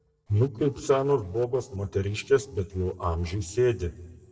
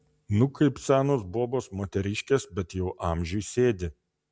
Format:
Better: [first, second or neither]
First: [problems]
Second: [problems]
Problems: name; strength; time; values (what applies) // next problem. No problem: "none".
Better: second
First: noise reduction (neural separator model SepFormer DNS4)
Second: none